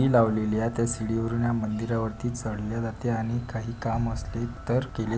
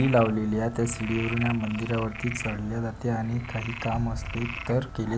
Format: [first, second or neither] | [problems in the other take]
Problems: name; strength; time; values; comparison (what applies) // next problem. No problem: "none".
first | background sound (Frog); 13 dB below the speech